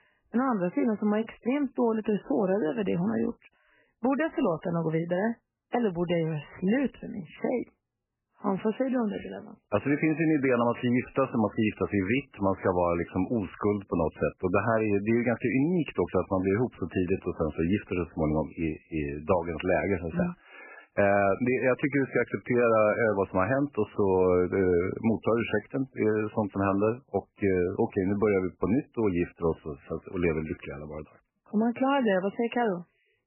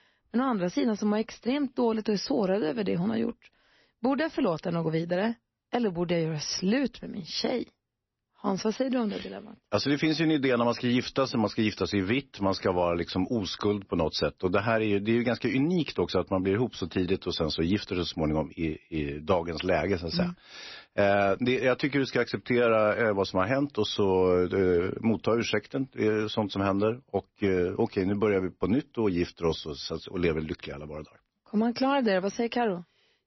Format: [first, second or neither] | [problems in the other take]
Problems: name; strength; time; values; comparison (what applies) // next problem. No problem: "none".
second | garbled, watery; badly; nothing above 3 kHz; slightly in the second